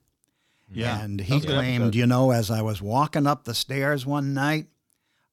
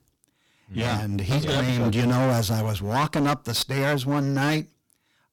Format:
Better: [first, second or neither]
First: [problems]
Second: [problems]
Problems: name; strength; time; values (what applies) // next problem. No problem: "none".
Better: first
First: none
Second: distortion; heavy; 17% of the sound clipped